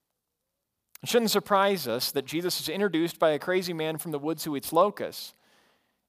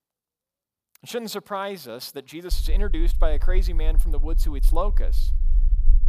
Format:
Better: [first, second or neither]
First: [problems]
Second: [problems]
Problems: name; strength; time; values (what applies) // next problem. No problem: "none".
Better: first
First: none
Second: low rumble; very faint; from 2.5 s on; 20 dB below the speech